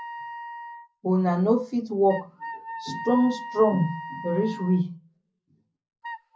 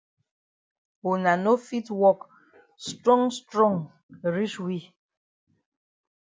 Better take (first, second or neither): second